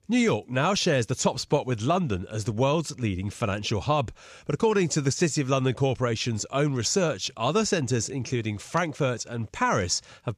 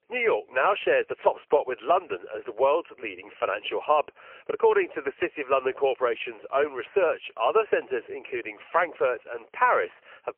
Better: first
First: none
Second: phone-call audio; poor line; nothing above 3 kHz

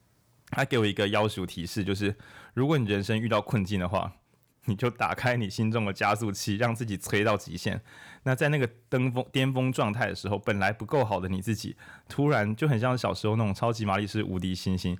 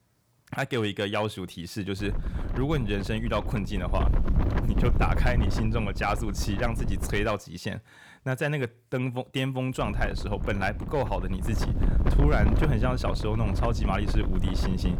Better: first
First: none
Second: wind noise on the microphone; heavy; from 2 to 7.5 s and from 10 s on; 8 dB below the speech

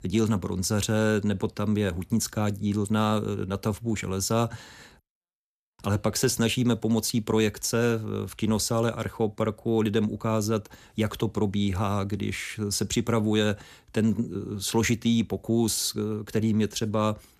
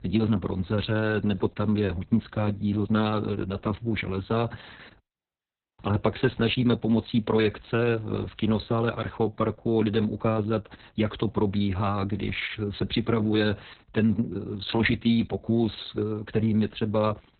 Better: first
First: none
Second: garbled, watery; badly; nothing above 4 kHz

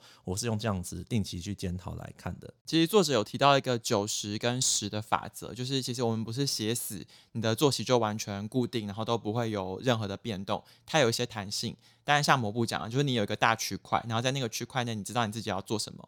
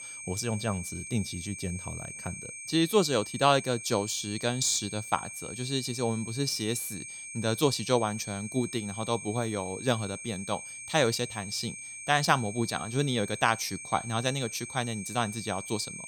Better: first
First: none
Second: high-pitched whine; loud; throughout; 8.5 kHz, 9 dB below the speech

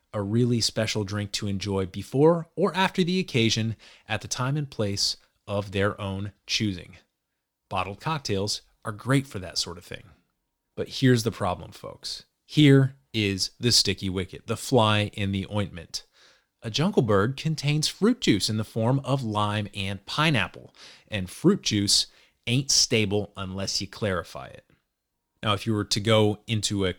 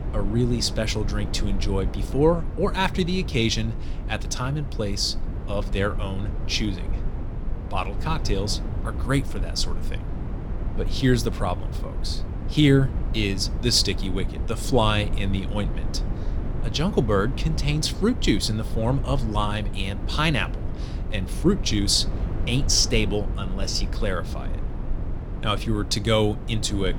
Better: first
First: none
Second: low rumble; noticeable; throughout; 15 dB below the speech

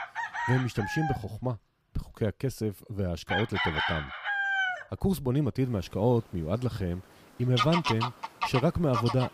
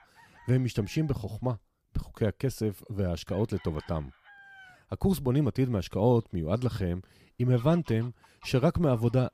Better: second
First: animal sounds; loud; throughout; 1 dB below the speech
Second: animal sounds; faint; throughout; 25 dB below the speech

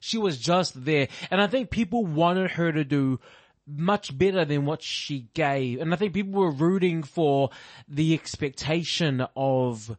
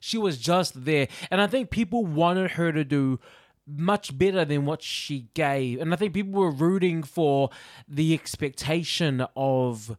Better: second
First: garbled, watery; slightly; nothing above 8 kHz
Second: none

